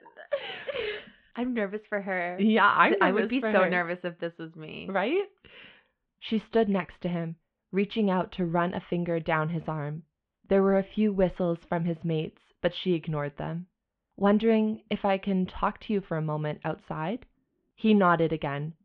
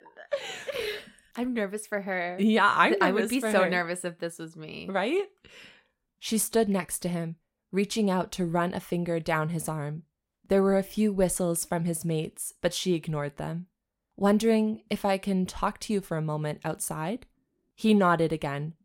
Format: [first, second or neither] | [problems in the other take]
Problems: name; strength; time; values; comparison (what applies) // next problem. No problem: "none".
second | muffled; very; fading above 3 kHz